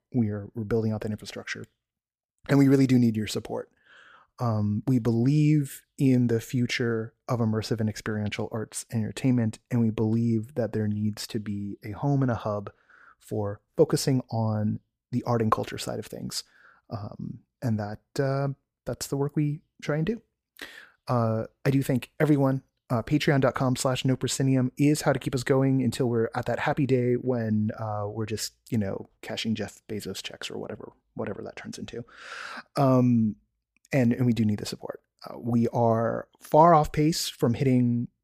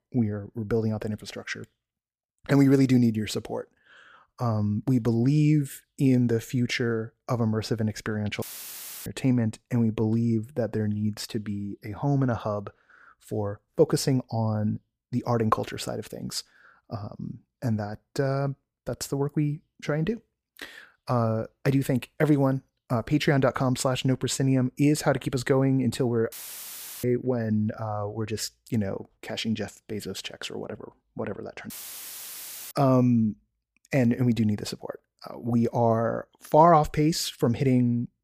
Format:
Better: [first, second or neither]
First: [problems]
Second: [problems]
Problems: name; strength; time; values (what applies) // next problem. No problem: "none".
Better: first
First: none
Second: audio cutting out; filled with static; at 8.5 s for 0.5 s, at 26 s for 0.5 s and at 32 s for 1 s